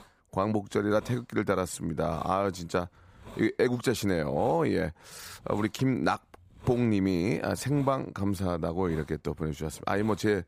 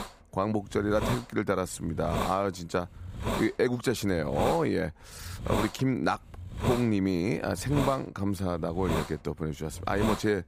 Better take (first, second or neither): first